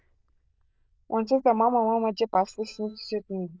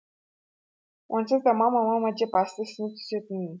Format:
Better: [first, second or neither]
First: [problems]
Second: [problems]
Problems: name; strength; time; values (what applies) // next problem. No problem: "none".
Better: second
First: noise reduction (neural diffusion model UNIVERSE++)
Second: none